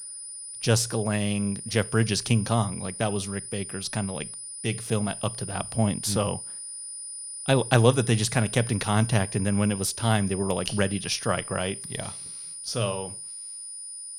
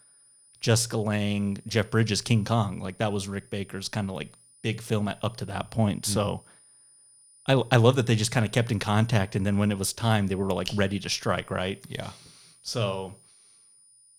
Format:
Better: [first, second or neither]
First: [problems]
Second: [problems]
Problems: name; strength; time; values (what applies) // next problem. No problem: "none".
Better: second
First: high-pitched whine; loud; throughout; 9.5 kHz, 9 dB below the speech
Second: high-pitched whine; faint; throughout; 9.5 kHz, 30 dB below the speech